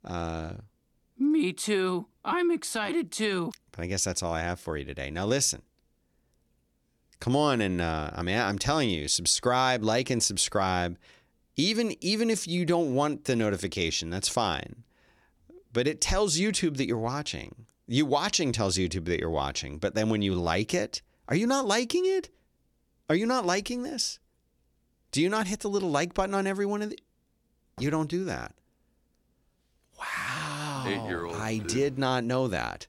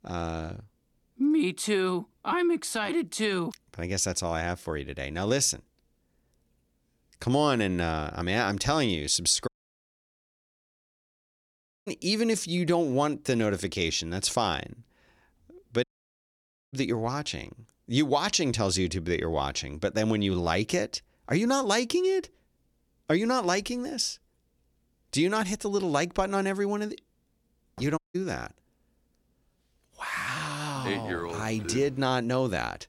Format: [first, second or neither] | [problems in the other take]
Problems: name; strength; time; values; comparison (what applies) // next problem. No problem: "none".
first | audio cutting out; at 9.5 s for 2.5 s, at 16 s for 1 s and at 28 s